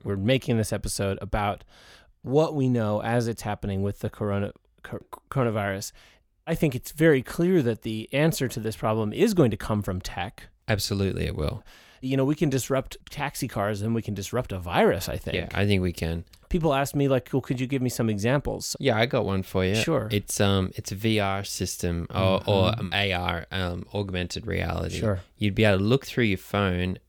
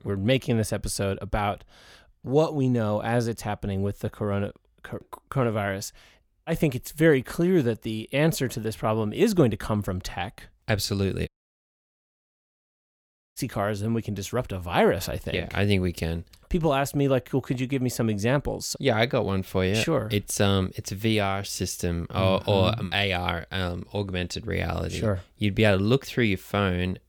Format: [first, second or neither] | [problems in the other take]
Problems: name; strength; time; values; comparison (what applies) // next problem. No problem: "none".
first | audio cutting out; at 11 s for 2 s